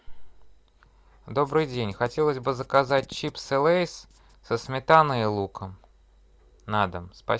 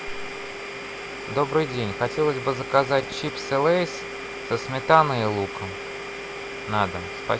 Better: first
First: none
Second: background sound (Domestic sounds, home sounds); 9 dB below the speech

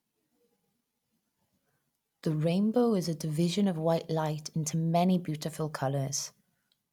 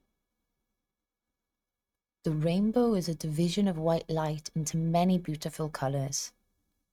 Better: first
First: none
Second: noise reduction (neural mask model RNNoise)

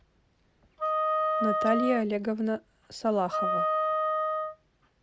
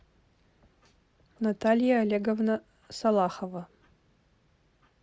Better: second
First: background sound (Wind instrument, woodwind instrument); 1 dB above the speech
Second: none

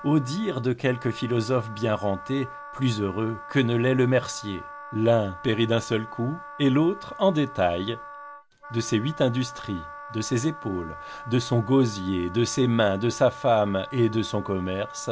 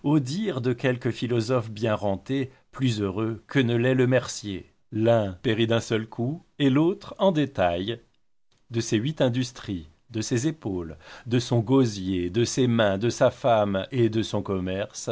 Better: second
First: background sound (Wind instrument, woodwind instrument); 15 dB below the speech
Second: none

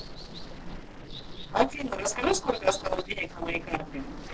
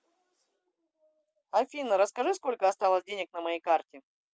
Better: second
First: noise reduction (neural separator model SepFormer DNS4)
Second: none

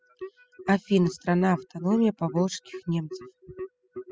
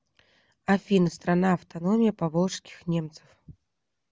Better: second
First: noise reduction (classical method spectral subtraction)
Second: none

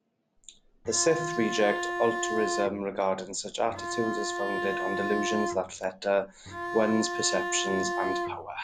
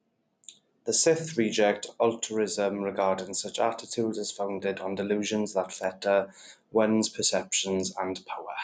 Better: second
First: background sound (Bowed string instrument); 3 dB below the speech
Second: none

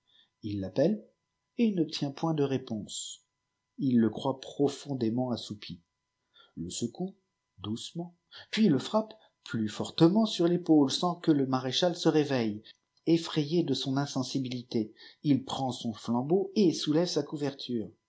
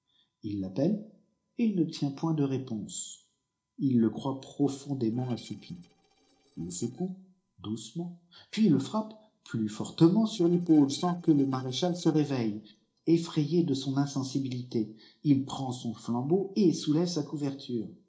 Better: first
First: none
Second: noise reduction (neural separator model SepFormer DNS4)

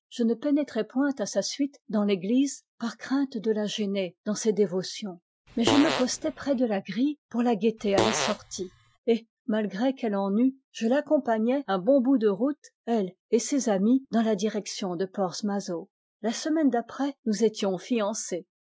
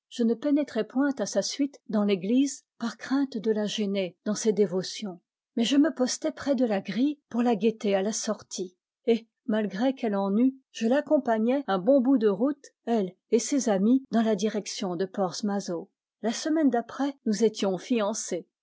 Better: second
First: noise reduction (classical method Wiener filter)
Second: none

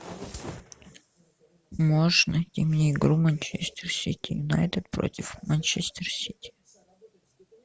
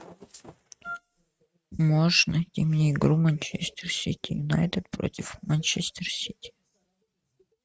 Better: first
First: none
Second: noise reduction (neural mask model RNNoise)

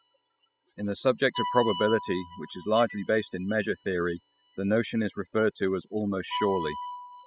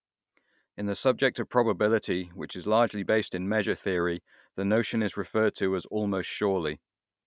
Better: second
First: noise reduction (classical method spectral subtraction)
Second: none

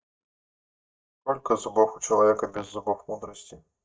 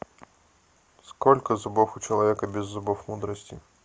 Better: second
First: noise reduction (neural mask model DeepFilterNet 3)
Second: none

